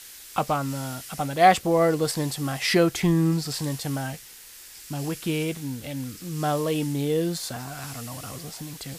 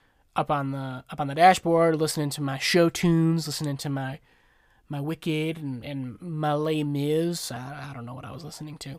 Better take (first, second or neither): second